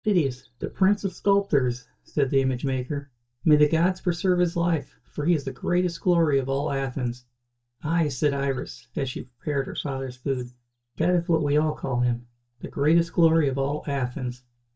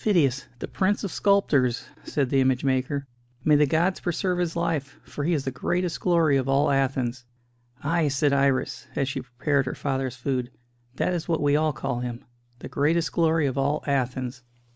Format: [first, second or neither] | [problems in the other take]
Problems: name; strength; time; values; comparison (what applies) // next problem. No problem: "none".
second | noise reduction (neural mask model DeepFilterNet 3)